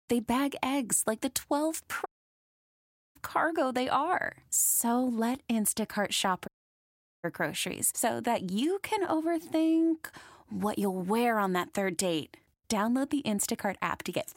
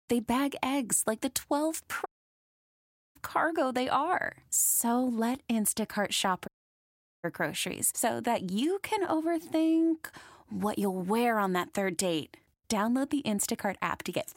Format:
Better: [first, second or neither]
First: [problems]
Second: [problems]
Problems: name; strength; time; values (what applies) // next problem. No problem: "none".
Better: neither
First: audio cutting out; at 2 s for 1 s and at 6.5 s for 1 s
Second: audio cutting out; at 2 s for 1 s and at 6.5 s for 1 s